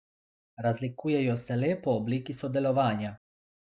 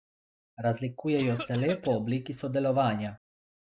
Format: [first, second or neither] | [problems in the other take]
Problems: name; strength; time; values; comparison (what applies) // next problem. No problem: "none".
first | background sound (Cough); 12 dB below the speech